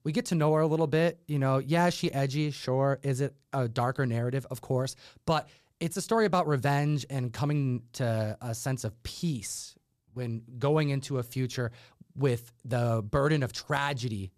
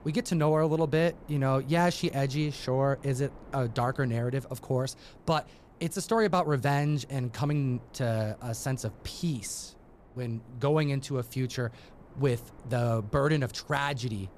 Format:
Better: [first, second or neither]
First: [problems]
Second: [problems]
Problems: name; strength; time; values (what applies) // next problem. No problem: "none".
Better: first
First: none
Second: wind noise on the microphone; occasional gusts; 25 dB below the speech